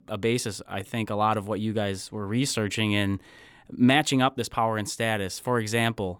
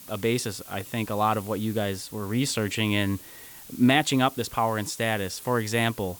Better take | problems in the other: first | hiss; noticeable; throughout; 15 dB below the speech

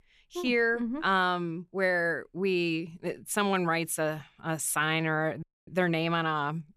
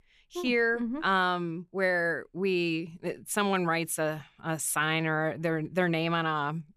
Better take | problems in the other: second | audio cutting out; at 5.5 s

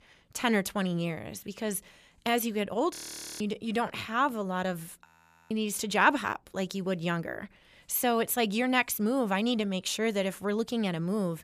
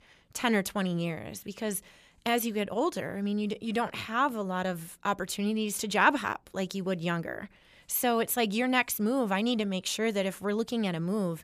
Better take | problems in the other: second | audio freezing; at 3 s and at 5 s

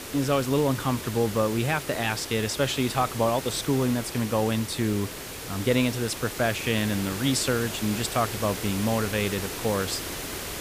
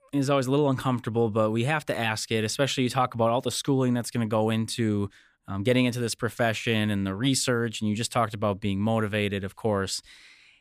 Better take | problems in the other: second | hiss; loud; throughout; 8 dB below the speech

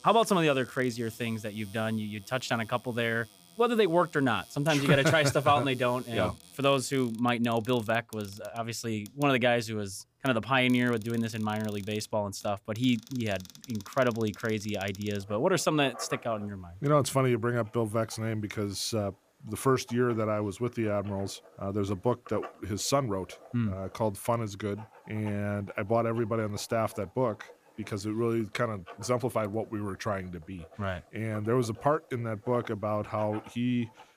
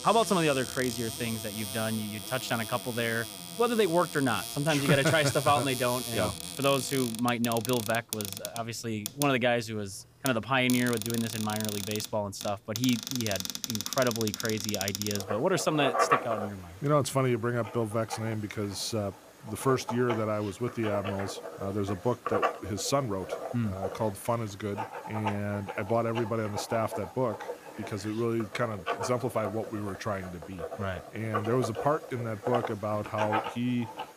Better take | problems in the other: first | household noises; loud; throughout; 6 dB below the speech; faint in the first

